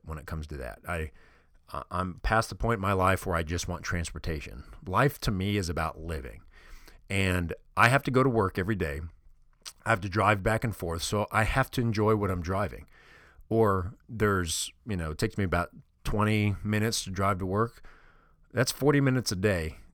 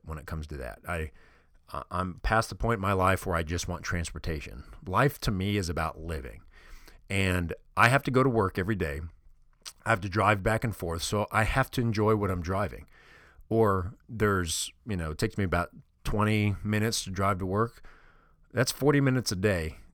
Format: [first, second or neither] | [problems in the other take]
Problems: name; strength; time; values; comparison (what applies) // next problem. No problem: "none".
neither | none